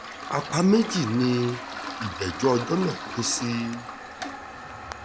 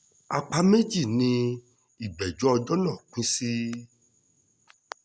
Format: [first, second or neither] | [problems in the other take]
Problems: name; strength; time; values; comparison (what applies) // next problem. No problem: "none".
second | background sound (Toilet flush); 9 dB below the speech